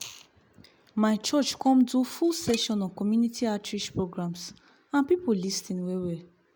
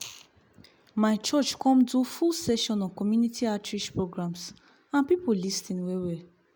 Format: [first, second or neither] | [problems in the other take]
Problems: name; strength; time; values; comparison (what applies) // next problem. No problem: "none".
second | background sound (Dishes, pots, and pans); 18 dB below the speech